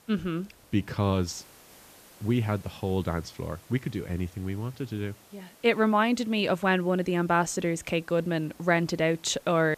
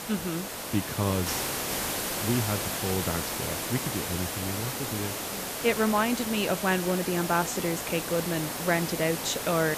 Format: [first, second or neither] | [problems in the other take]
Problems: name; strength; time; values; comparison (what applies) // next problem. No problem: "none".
first | hiss; loud; throughout; 2 dB below the speech; faint in the first